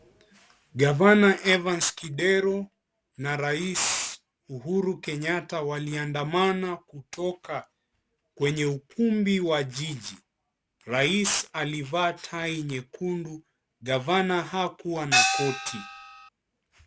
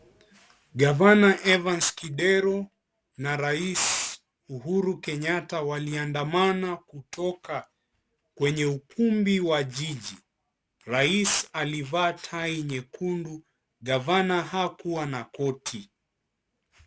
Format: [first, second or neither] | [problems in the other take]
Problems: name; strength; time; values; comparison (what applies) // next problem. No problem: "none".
second | background sound (Gong); 1 dB above the speech